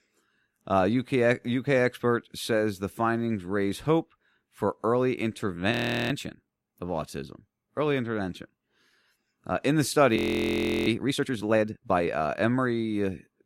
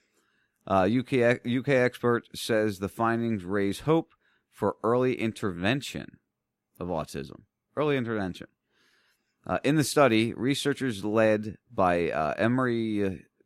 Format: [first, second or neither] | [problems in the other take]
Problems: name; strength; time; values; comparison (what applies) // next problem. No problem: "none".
second | audio freezing; at 5.5 s and at 10 s for 0.5 s